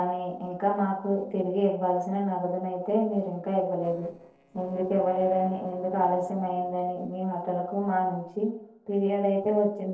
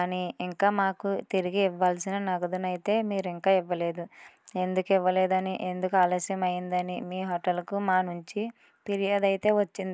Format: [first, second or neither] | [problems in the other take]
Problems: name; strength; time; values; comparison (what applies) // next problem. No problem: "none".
second | noise reduction (neural separator model SepFormer DNS4)